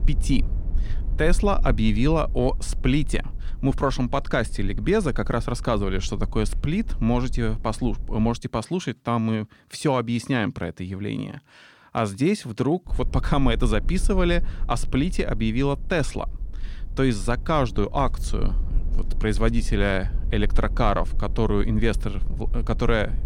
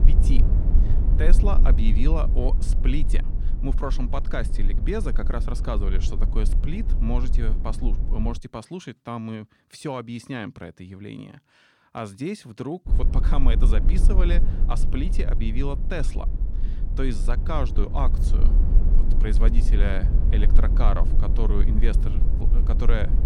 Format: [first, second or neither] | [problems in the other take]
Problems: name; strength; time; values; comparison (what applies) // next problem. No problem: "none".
first | low rumble; loud; until 8.5 s and from 13 s on; 8 dB below the speech; faint in the first